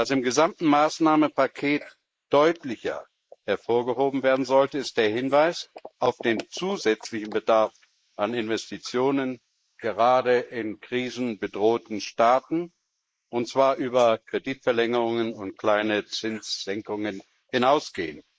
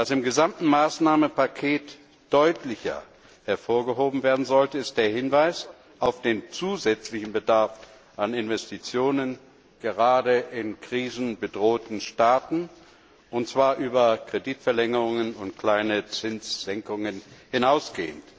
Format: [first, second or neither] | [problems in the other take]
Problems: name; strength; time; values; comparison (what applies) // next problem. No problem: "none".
second | noise reduction (neural mask model Resemble Enhance denoiser)